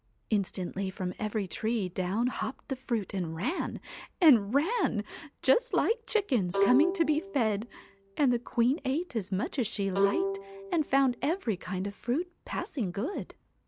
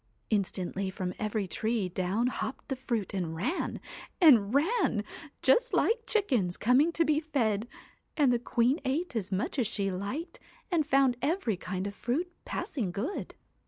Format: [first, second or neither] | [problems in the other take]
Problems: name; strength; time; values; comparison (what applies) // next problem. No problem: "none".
second | background sound (Bowed string instrument); 6 dB below the speech